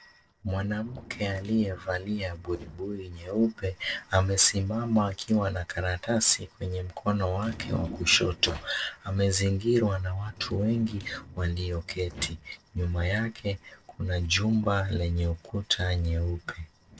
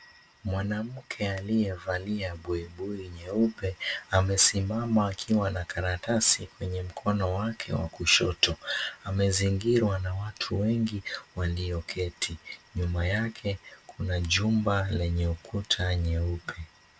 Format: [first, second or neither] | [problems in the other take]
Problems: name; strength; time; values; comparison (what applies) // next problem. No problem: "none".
second | noise reduction (neural separator model SepFormer DNS4)